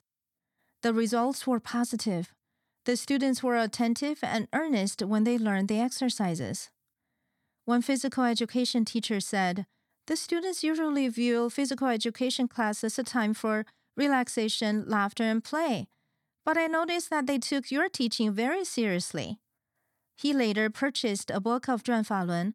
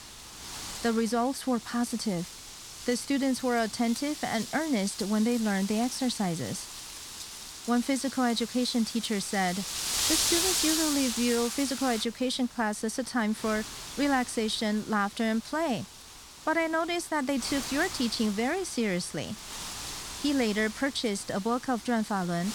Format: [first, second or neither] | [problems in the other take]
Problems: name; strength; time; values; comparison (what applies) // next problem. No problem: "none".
first | wind noise on the microphone; heavy; 5 dB below the speech